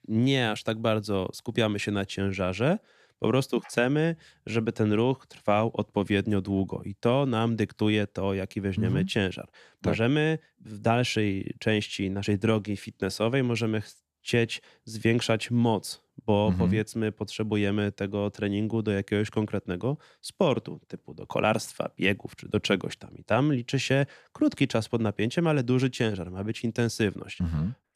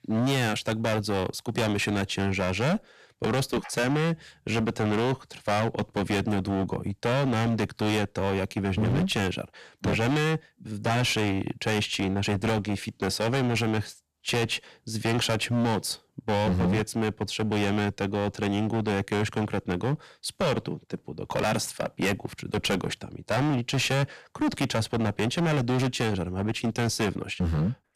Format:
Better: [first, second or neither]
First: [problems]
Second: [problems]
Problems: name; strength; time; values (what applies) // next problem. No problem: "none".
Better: first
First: none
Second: distortion; heavy; 21% of the sound clipped